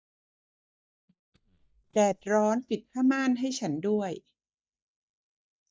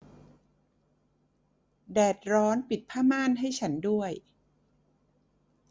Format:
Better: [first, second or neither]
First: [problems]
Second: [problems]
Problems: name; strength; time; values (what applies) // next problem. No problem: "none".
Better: second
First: noise reduction (neural mask model DeepFilterNet 3)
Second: none